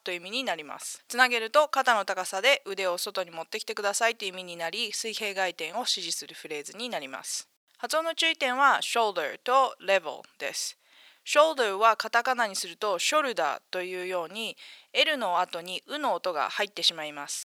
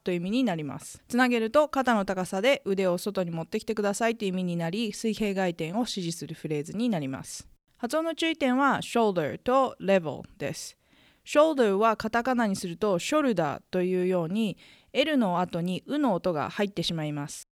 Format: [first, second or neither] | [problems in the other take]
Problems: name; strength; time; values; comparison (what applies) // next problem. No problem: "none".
second | thin; very; fading below 800 Hz